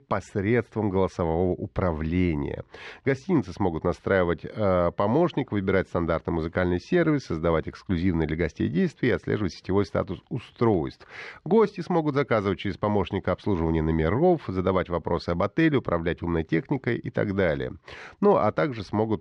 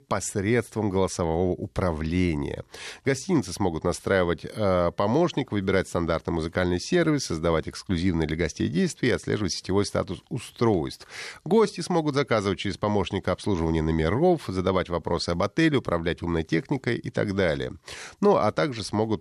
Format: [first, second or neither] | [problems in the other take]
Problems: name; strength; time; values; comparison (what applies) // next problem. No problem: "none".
second | muffled; slightly; fading above 2.5 kHz